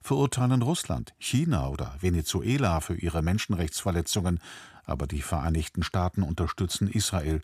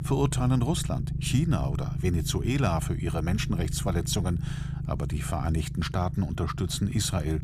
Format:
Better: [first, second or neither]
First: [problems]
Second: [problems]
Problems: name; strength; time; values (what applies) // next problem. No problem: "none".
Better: first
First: none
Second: low rumble; noticeable; throughout; 10 dB below the speech